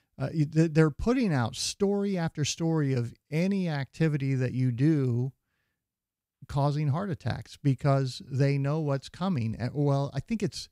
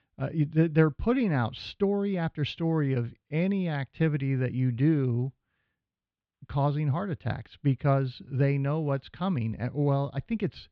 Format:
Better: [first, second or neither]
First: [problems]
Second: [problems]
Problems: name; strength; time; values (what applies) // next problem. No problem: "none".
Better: first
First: none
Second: muffled; slightly; fading above 3.5 kHz